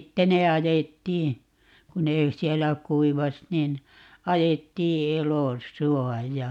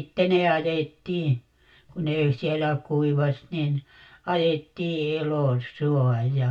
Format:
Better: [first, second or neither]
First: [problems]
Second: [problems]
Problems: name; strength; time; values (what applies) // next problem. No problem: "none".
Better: first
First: none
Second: room echo; dies away in 0.1 s